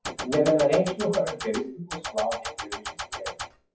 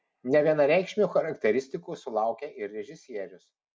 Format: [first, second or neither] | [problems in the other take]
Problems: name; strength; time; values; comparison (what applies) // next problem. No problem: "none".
second | noise reduction (classical method WPE with log-MMSE)